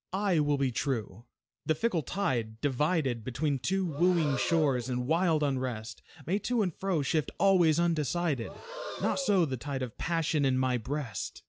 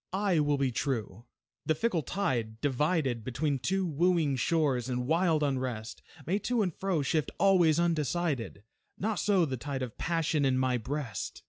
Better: second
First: background sound (Breathing); 15 dB below the speech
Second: none

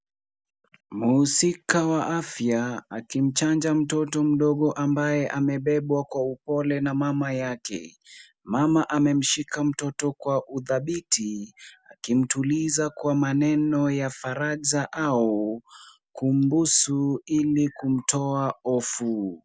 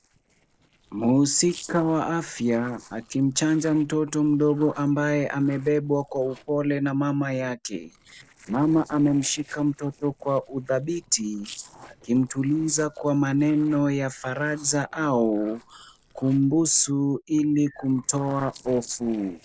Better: first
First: none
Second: noise reduction (neural separator model SepFormer DNS4)

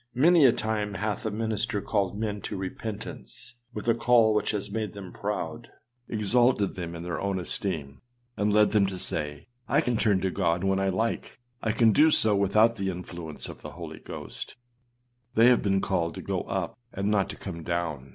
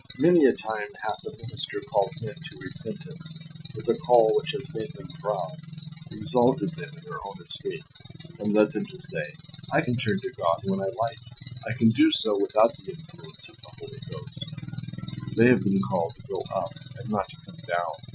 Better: first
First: none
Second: noise reduction (classical method Wiener filter)

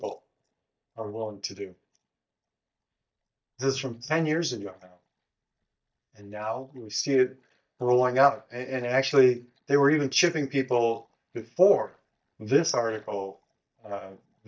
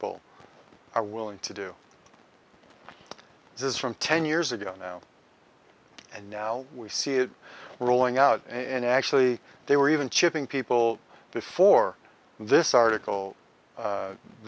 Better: second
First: noise reduction (neural mask model DeepFilterNet 3)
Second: none

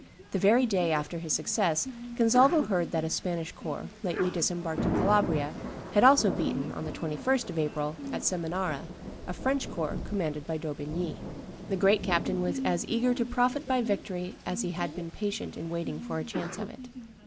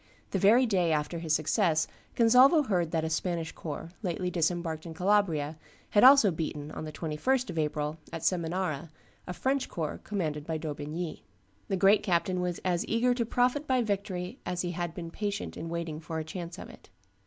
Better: second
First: background sound (Thunder / Rain + Sneeze); 8 dB below the speech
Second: none

